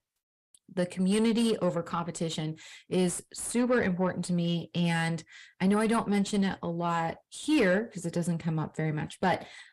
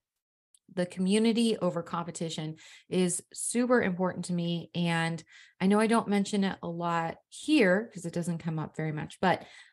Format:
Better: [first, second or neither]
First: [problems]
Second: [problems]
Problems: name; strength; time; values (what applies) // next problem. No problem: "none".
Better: second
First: distortion; slight; 10 dB below the speech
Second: none